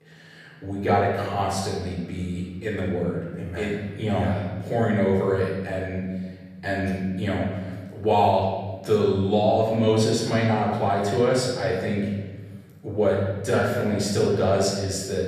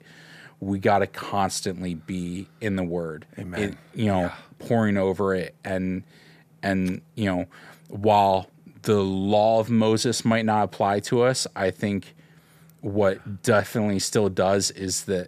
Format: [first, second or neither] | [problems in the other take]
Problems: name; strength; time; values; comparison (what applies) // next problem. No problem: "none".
second | off-mic speech; far // room echo; noticeable; dies away in 1.5 s